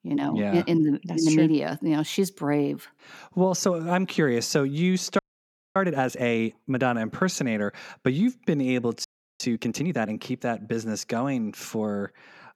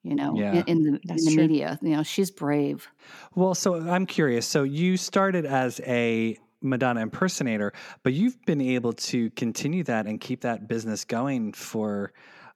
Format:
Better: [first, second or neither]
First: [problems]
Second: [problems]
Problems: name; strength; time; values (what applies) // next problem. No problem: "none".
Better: second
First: audio freezing; at 5 s for 0.5 s and at 9 s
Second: none